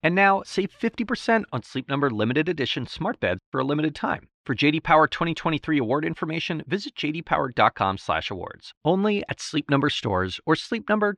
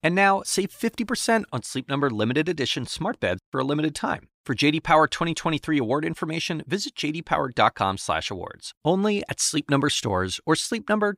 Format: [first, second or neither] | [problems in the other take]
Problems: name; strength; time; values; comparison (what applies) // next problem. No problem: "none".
second | muffled; slightly; fading above 3 kHz